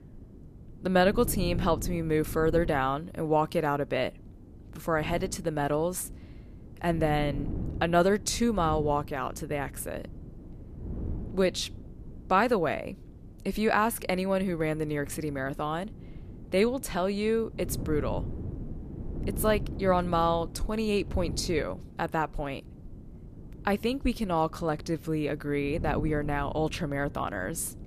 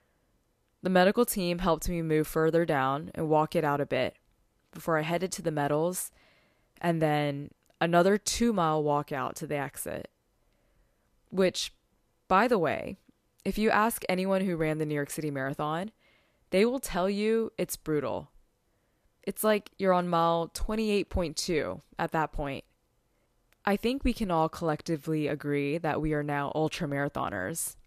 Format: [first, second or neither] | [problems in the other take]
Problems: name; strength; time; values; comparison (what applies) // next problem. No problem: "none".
second | wind noise on the microphone; occasional gusts; 20 dB below the speech